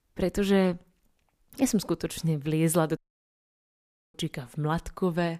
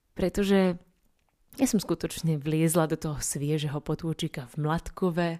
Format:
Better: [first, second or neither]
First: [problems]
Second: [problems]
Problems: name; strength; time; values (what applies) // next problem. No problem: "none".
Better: second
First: audio cutting out; at 3 s for 1 s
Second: none